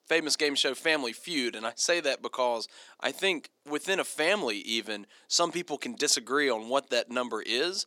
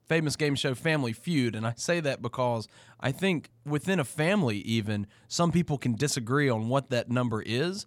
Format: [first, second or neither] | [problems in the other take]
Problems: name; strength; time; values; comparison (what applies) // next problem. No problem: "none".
second | thin; somewhat; fading below 300 Hz